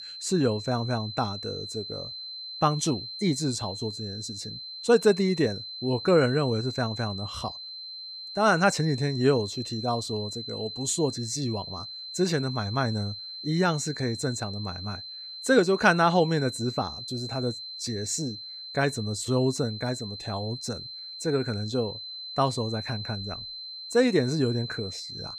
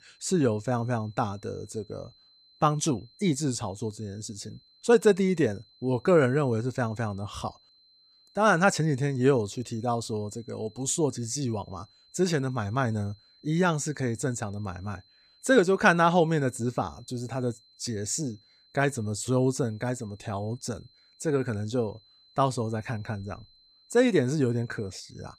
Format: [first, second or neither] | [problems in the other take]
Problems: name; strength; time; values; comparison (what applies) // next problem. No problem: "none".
second | high-pitched whine; loud; throughout; 4 kHz, 9 dB below the speech; faint in the second